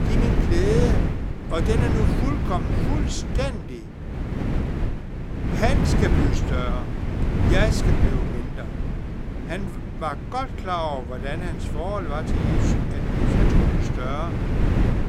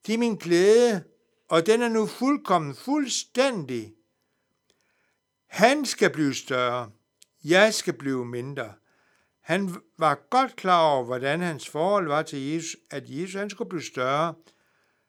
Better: second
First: wind noise on the microphone; heavy; 2 dB below the speech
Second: none

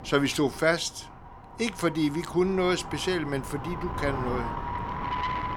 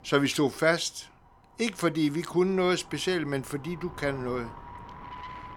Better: second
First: wind noise on the microphone; heavy; 5 dB below the speech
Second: wind noise on the microphone; occasional gusts; 15 dB below the speech

